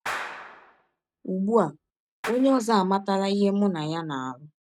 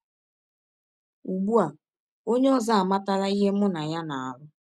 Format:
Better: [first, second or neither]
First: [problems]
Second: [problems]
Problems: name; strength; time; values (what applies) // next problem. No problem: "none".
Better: second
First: noise reduction (neural mask model RNNoise)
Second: none